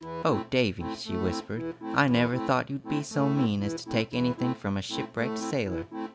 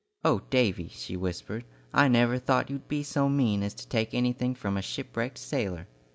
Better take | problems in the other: second | background sound (Accordion); 7 dB below the speech

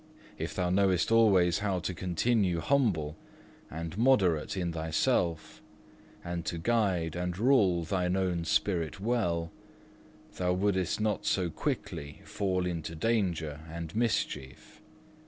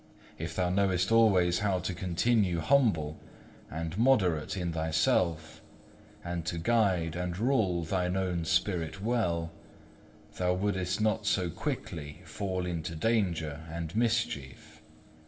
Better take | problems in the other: first | room echo; dies away in 3 s

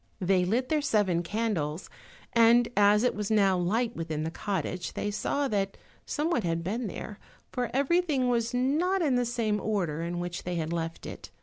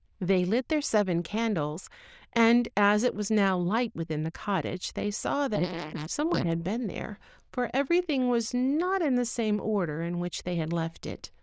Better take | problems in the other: first | noise reduction (neural diffusion model UNIVERSE++)

